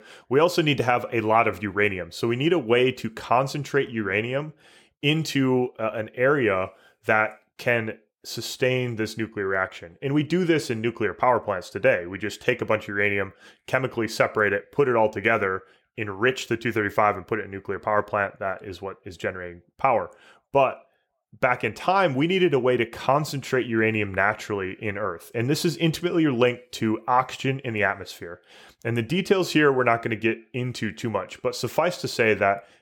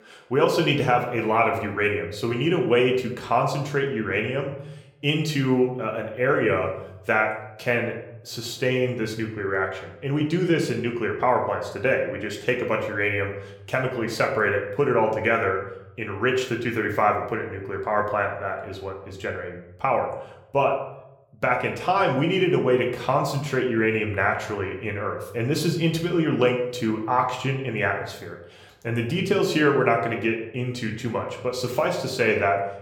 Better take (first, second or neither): first